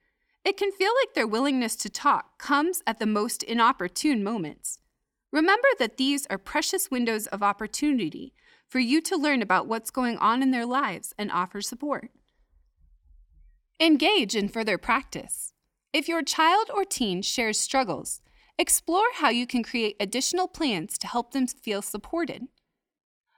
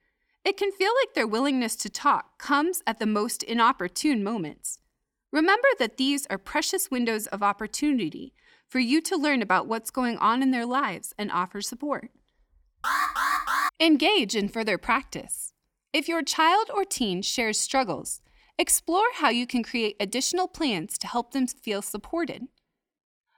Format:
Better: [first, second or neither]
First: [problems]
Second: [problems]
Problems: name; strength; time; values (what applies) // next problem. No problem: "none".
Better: first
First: none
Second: alarm; loud; at 13 s; peak 1 dB above the speech